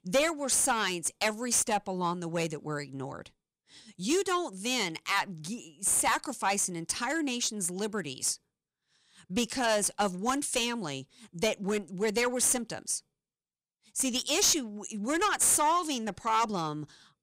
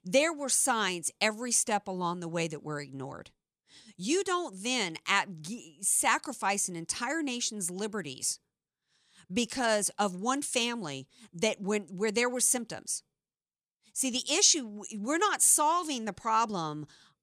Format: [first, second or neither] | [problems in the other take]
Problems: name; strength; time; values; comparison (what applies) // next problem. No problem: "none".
second | distortion; slight; 4% of the sound clipped